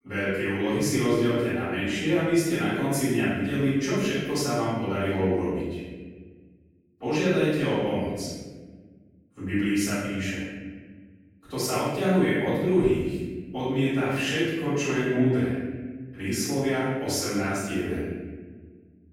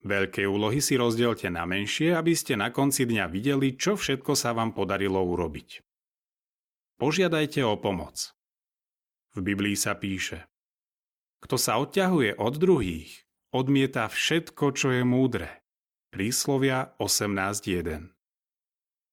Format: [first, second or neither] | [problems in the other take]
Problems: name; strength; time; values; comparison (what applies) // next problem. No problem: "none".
second | off-mic speech; far // room echo; strong; dies away in 1.4 s